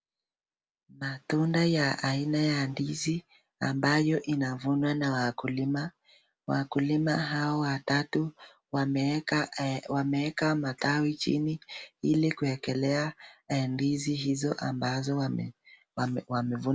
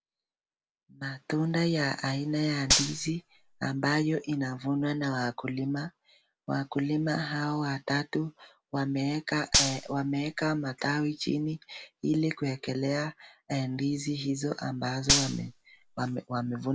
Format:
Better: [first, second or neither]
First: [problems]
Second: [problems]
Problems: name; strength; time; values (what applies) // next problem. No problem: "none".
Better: first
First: none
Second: background sound (Gunshot, gunfire); 1 dB above the speech